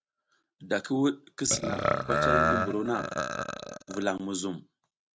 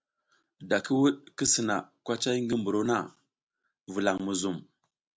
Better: second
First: noise reduction (neural mask model RNNoise)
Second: none

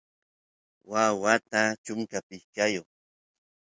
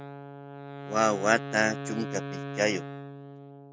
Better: first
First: none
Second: background sound (Wind instrument, woodwind instrument); 8 dB below the speech

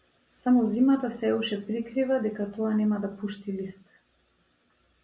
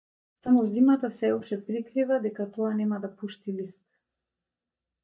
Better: first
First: none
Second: noise reduction (neural mask model DeepFilterNet 3)

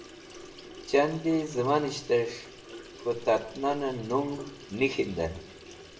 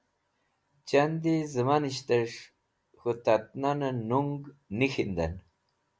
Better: second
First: background sound (Sink (filling or washing) / Water tap, faucet); 16 dB below the speech // room echo; dies away in 0.6 s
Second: none

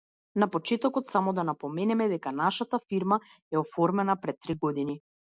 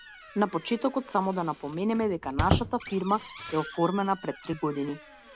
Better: first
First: none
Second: background sound (Squeak); 7 dB below the speech

